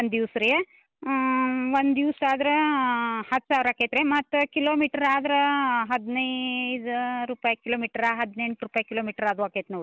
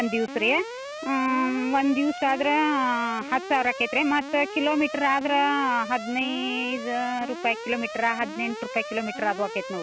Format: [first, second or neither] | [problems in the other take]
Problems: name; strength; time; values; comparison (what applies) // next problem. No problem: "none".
first | background sound (Alarm); 11 dB below the speech